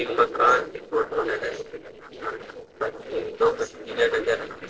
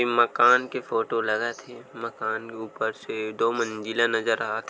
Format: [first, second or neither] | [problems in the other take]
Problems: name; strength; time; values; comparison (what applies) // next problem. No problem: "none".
second | noise reduction (neural separator model SepFormer DNS4)